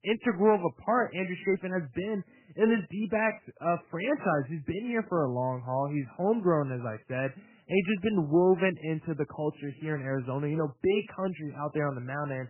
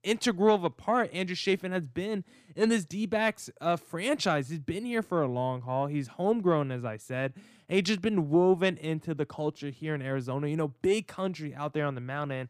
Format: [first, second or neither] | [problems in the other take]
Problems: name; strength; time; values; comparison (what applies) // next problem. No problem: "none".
second | garbled, watery; badly; nothing above 3 kHz